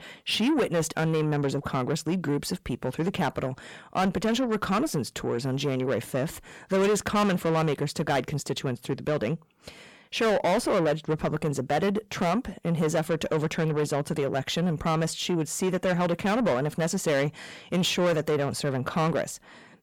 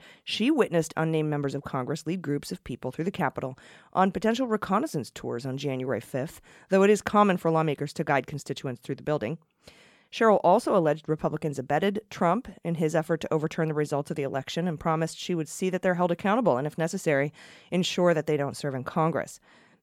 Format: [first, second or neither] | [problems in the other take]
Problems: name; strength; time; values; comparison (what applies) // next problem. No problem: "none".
second | distortion; heavy; 7 dB below the speech